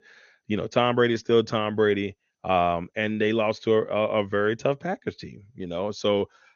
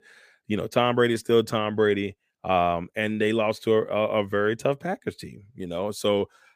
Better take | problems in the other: second | garbled, watery; slightly; nothing above 6.5 kHz

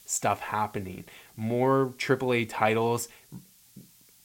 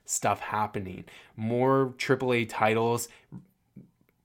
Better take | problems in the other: second | hiss; faint; throughout; 25 dB below the speech

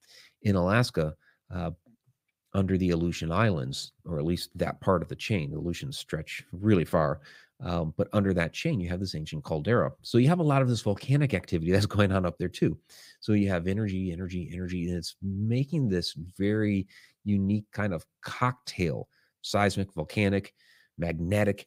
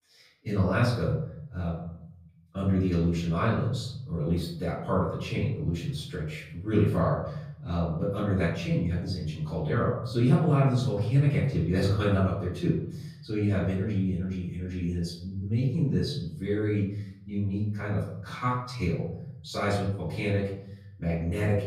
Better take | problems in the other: first | off-mic speech; far // room echo; noticeable; dies away in 0.9 s

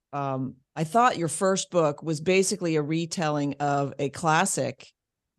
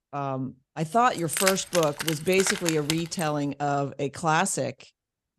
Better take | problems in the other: first | jangling keys; loud; from 1 to 3.5 s; peak level with the speech

